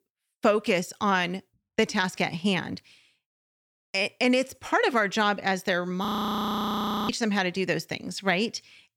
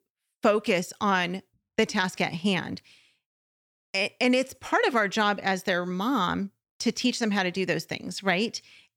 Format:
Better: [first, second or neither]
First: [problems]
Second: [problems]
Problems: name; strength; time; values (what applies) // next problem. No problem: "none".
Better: second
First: audio freezing; at 6 s for 1 s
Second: none